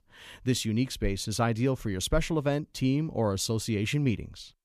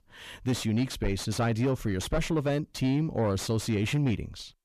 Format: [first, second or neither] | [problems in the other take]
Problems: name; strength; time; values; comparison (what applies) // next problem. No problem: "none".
first | distortion; slight; 10 dB below the speech